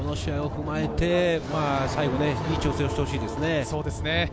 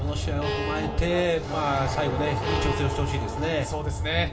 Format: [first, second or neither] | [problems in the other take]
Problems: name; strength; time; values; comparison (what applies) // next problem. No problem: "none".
first | background sound (Bowed string instrument); 11 dB below the speech // room echo; dies away in 0.4 s